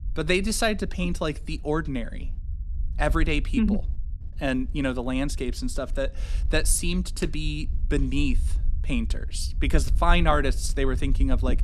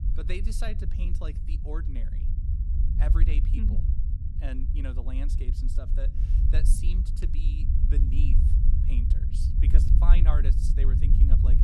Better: first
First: low rumble; faint; throughout; 25 dB below the speech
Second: low rumble; loud; throughout; 2 dB below the speech

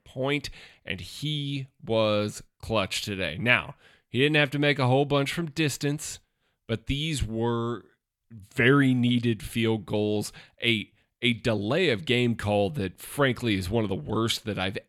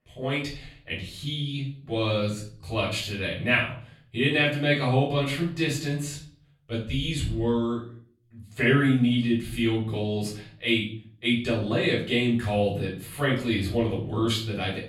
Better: first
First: none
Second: off-mic speech; far // room echo; slight; dies away in 0.5 s

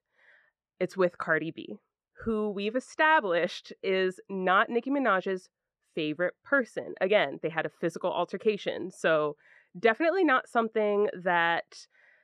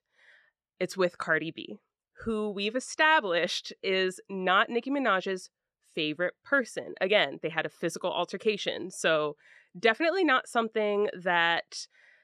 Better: second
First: muffled; slightly; fading above 2.5 kHz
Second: none

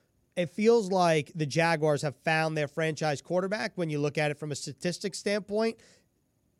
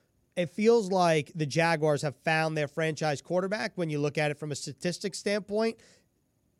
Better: neither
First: none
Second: none

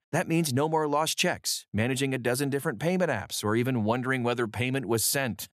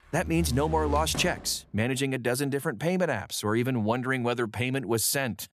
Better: first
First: none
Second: door banging; noticeable; until 1.5 s; peak 6 dB below the speech

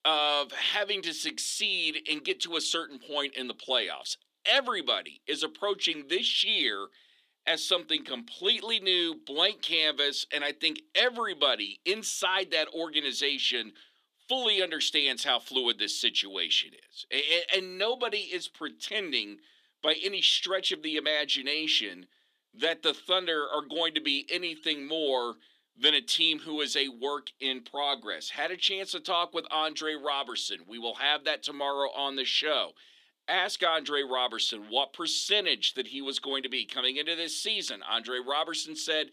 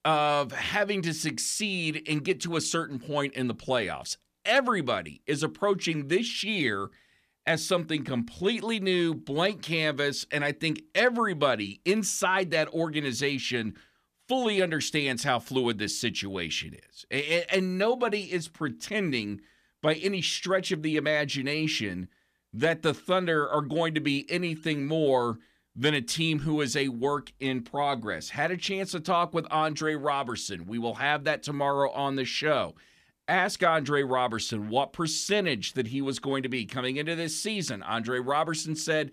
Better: second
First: thin; somewhat; fading below 300 Hz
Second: none

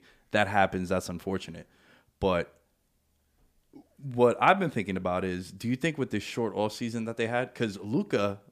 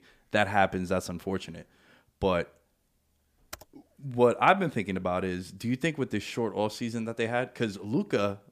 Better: first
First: none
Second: keyboard typing; faint; at 3.5 s; peak 15 dB below the speech

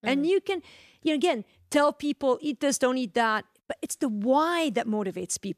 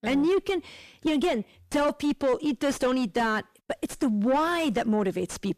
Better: first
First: none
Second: distortion; heavy; 7 dB below the speech

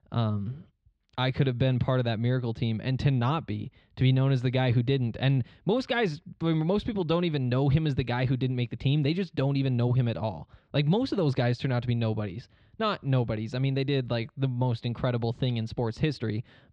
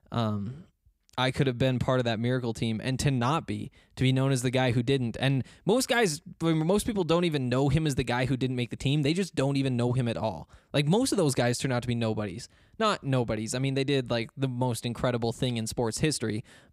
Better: second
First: muffled; very slightly; fading above 4 kHz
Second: none

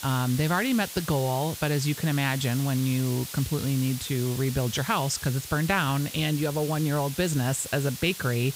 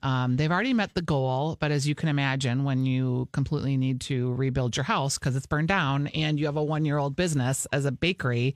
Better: second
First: hiss; loud; throughout; 10 dB below the speech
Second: none

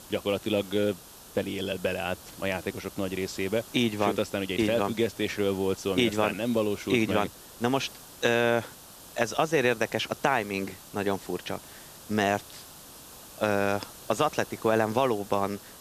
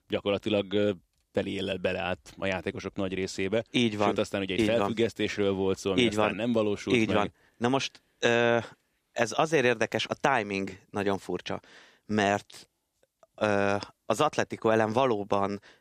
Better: second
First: hiss; noticeable; throughout; 15 dB below the speech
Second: none

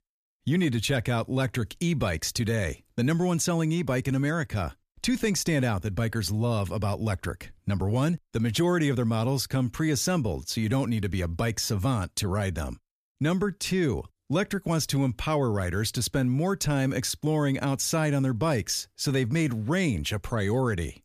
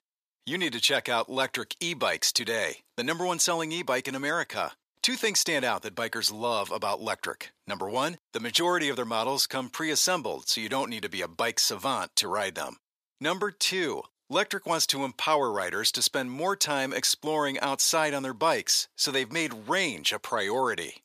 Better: first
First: none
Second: thin; very; fading below 500 Hz

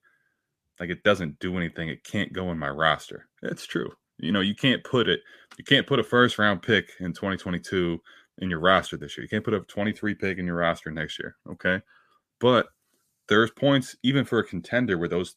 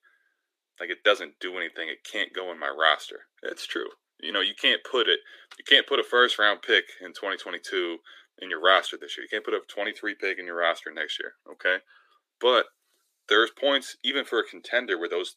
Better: first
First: none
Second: thin; very; fading below 350 Hz

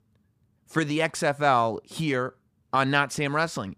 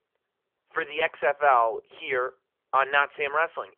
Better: first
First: none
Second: phone-call audio; poor line; nothing above 3 kHz

